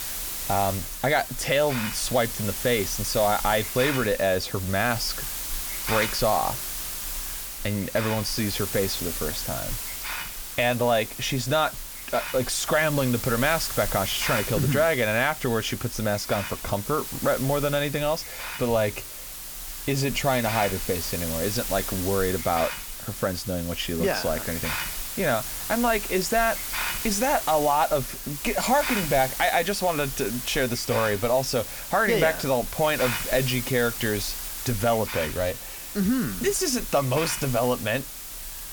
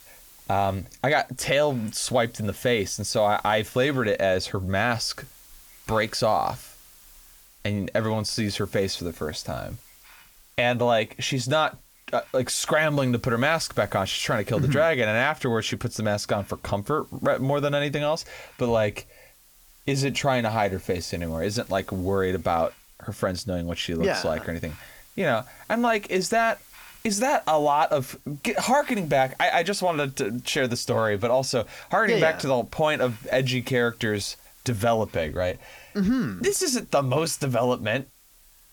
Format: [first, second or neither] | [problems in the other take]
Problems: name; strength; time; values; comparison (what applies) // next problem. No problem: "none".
second | hiss; loud; throughout; 5 dB below the speech; faint in the second